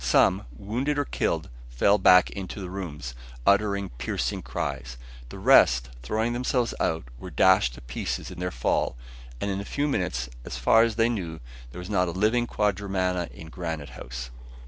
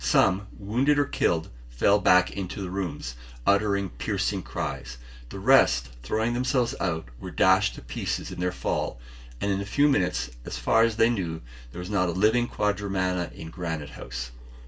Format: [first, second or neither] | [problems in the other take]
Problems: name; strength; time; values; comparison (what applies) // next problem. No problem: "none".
first | room echo; dies away in 0.2 s